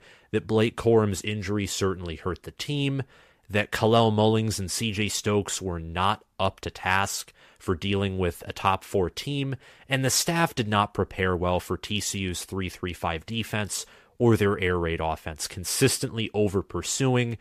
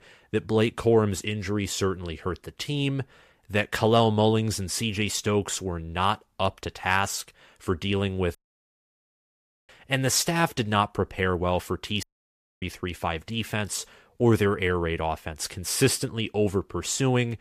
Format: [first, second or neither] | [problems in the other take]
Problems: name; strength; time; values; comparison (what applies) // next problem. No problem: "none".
first | audio cutting out; at 8.5 s for 1.5 s and at 12 s for 0.5 s